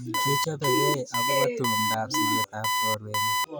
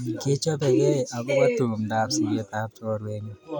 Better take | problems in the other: second | background sound (Alarm); 3 dB above the speech

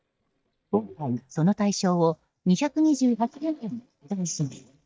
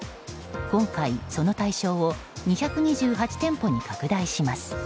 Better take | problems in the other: second | noise reduction (neural mask model DeepFilterNet 3)

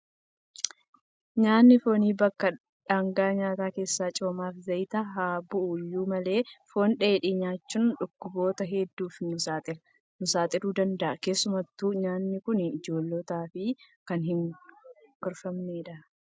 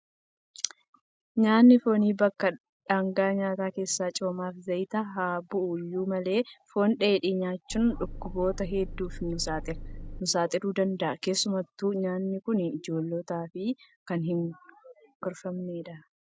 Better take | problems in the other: first | background sound (Engine); 9 dB below the speech

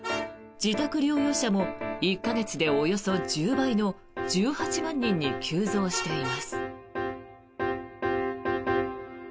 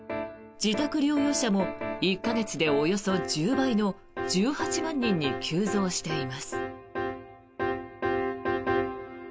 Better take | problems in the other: second | background sound (Vehicle horn, car horn, honking); 16 dB below the speech

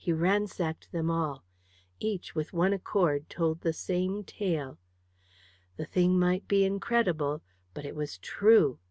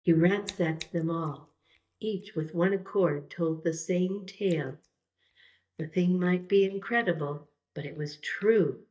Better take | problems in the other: first | noise reduction (neural mask model DeepFilterNet 3)

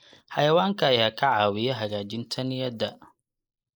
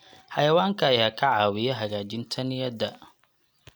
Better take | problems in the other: second | noise reduction (neural mask model Resemble Enhance denoiser)

